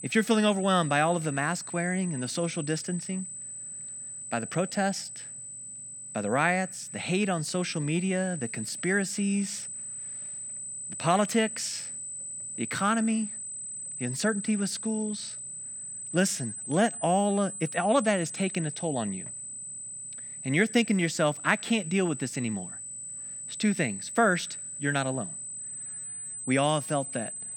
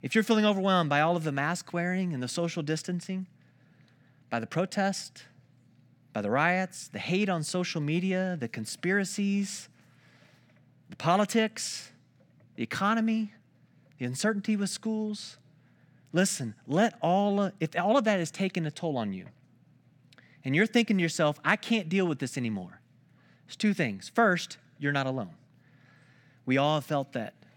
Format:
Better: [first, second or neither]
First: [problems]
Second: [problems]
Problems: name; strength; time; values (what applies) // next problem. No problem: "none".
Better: second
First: high-pitched whine; loud; throughout; 8 kHz, 8 dB below the speech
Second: none